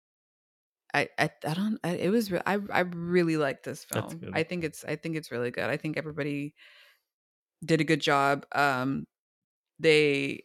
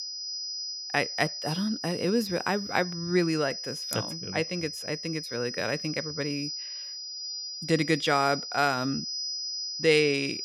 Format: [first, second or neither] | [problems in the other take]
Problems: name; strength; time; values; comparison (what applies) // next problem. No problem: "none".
first | high-pitched whine; loud; throughout; 5 kHz, 5 dB below the speech